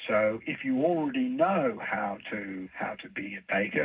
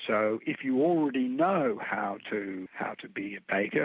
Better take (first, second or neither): second